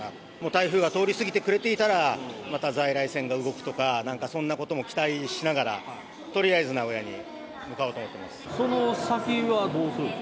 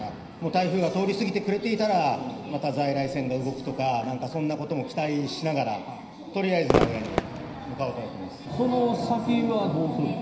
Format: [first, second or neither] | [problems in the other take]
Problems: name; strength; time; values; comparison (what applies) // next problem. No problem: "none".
first | background sound (Crowd / Fireworks); 9 dB below the speech // room echo; dies away in 0.9 s